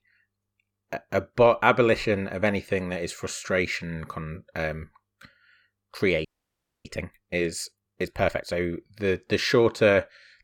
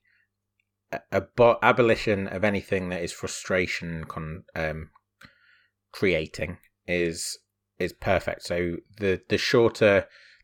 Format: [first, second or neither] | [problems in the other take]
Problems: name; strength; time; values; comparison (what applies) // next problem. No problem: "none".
second | audio freezing; at 6.5 s for 0.5 s